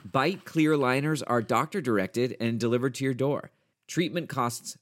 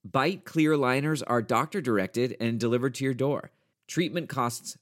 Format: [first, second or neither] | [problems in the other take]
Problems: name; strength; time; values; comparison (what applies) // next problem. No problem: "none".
second | household noises; faint; throughout; 30 dB below the speech